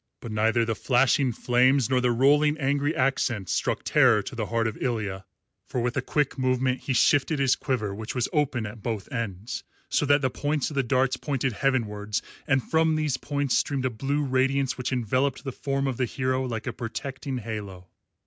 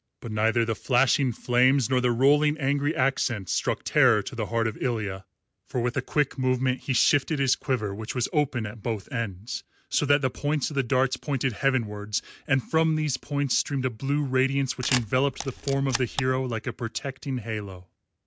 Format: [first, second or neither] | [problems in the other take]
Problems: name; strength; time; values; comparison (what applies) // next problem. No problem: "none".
first | background sound (Camera); 8 dB below the speech